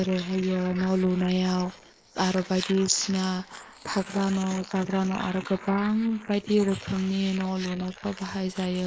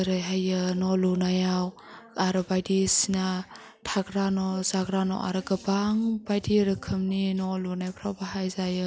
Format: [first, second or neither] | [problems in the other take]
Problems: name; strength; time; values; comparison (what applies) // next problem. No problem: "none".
second | noise reduction (neural mask model Resemble Enhance denoiser)